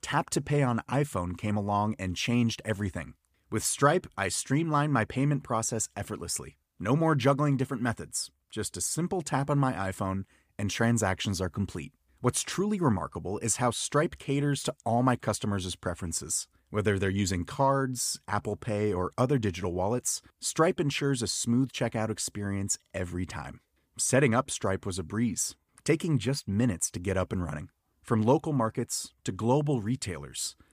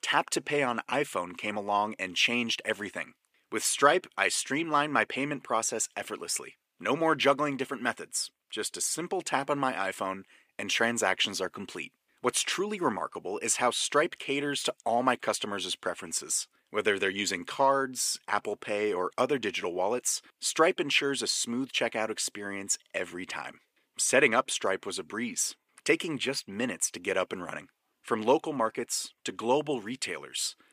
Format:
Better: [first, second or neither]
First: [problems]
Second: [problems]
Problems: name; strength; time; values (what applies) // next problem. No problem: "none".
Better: first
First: none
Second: thin; somewhat; fading below 400 Hz